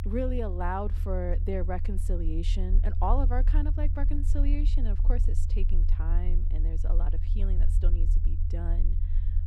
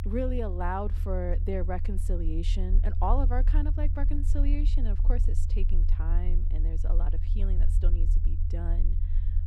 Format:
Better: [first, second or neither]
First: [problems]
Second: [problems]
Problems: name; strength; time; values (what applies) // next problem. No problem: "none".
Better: neither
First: low rumble; noticeable; throughout; 10 dB below the speech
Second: low rumble; noticeable; throughout; 10 dB below the speech